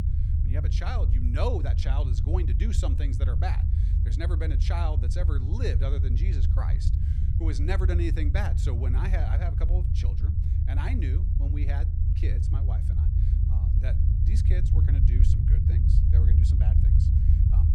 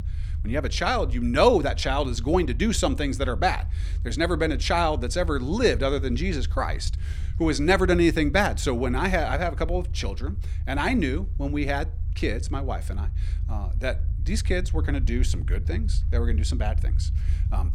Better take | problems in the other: second | low rumble; loud; throughout; 3 dB below the speech; faint in the second

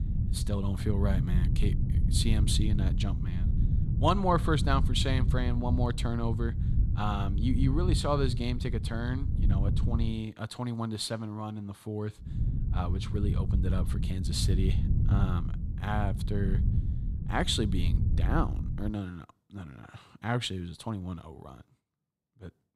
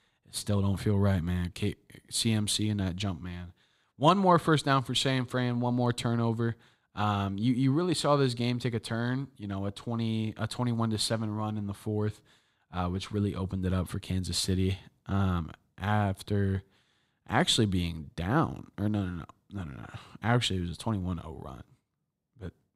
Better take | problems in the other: second | wind noise on the microphone; heavy; until 10 s and from 12 to 19 s; 10 dB below the speech

